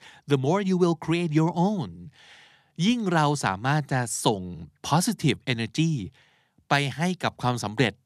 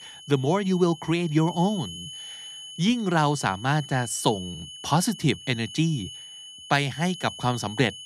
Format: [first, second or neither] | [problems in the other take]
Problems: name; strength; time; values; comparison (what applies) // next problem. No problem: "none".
first | high-pitched whine; noticeable; throughout; 3 kHz, 15 dB below the speech